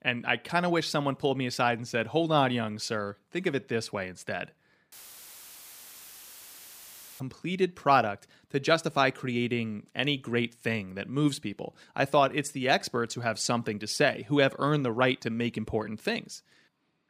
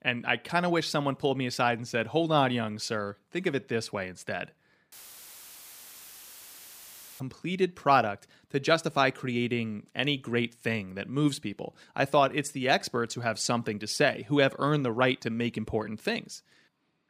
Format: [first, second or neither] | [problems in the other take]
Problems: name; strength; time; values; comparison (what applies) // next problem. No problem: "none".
neither | audio cutting out; filled with static; at 5 s for 2.5 s; the same in both